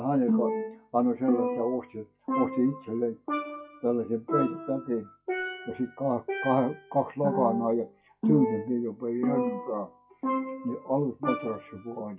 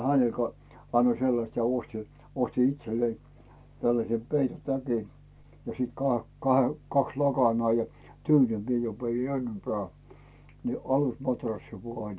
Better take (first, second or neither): second